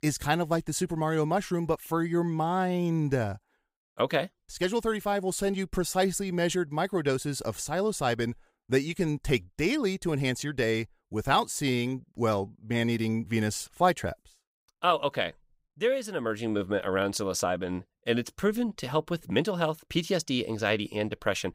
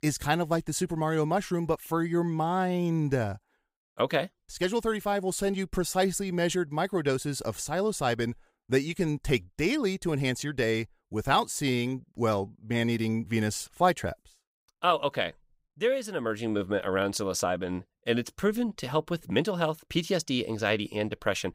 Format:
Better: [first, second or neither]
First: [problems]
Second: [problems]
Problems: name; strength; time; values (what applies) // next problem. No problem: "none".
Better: neither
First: none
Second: none